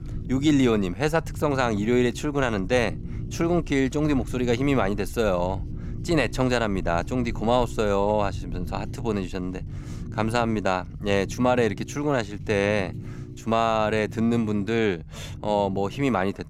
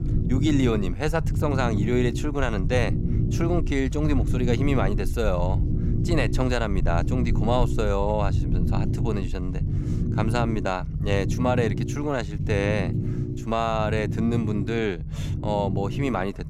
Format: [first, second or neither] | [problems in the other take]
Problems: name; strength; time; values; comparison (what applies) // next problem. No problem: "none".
first | low rumble; loud; throughout; 10 dB below the speech; faint in the first